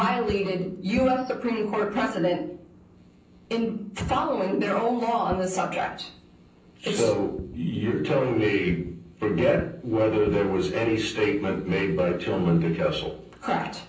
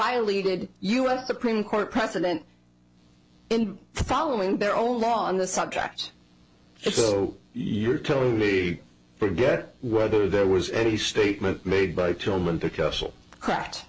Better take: second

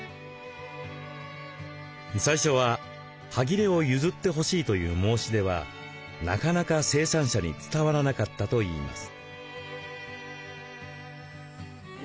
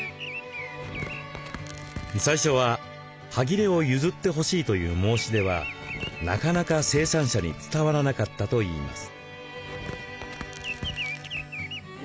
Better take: first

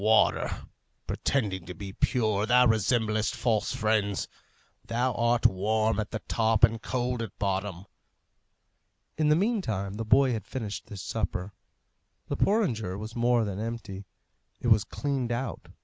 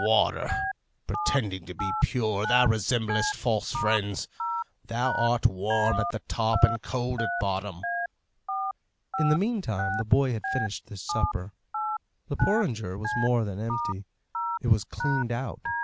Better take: first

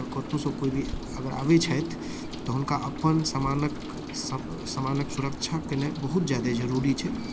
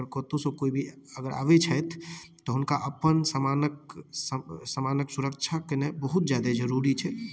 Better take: second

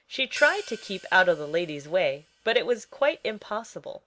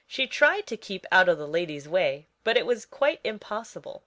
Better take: second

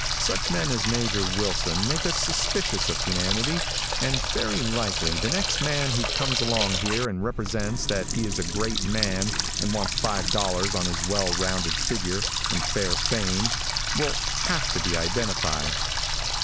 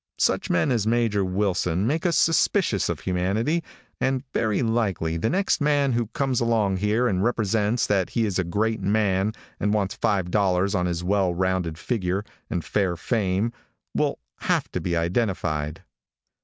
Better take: second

